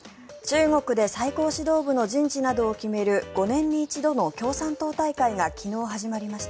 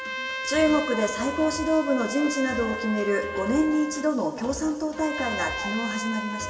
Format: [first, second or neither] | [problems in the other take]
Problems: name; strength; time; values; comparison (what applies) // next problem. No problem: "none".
first | background sound (Trumpet); 8 dB below the speech // room echo; dies away in 2.1 s